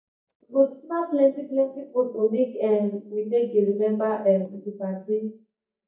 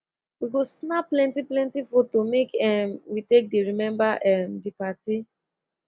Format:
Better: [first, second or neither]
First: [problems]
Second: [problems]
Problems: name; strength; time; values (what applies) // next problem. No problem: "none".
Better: second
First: noise reduction (neural mask model DeepFilterNet 3)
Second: none